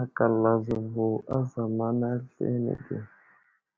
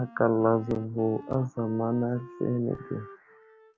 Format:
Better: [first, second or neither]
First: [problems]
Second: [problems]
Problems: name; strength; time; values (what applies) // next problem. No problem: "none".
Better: first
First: none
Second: background sound (Wind instrument, woodwind instrument); 19 dB below the speech